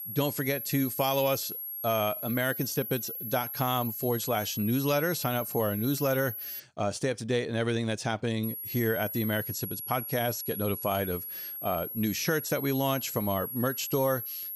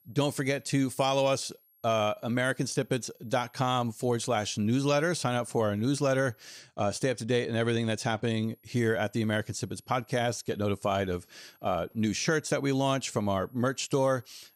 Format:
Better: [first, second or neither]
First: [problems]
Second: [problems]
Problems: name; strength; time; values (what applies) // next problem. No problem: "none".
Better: second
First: high-pitched whine; loud; until 6.5 s and from 8.5 s on; 11.5 kHz, 5 dB below the speech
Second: high-pitched whine; faint; until 6.5 s and from 8.5 s on; 11.5 kHz, 35 dB below the speech